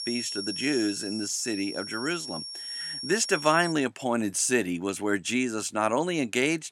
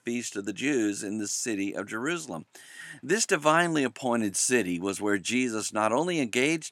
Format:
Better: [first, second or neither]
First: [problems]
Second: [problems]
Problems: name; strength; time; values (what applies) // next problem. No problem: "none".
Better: second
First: high-pitched whine; loud; until 3.5 s; 5.5 kHz, 7 dB below the speech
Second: none